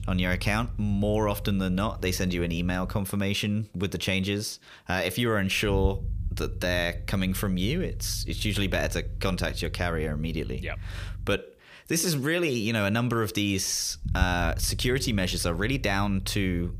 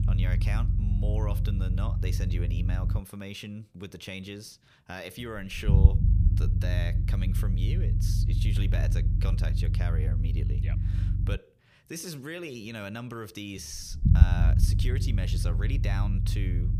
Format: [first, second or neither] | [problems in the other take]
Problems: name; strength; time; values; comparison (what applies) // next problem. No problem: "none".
first | low rumble; loud; throughout; 2 dB below the speech; faint in the first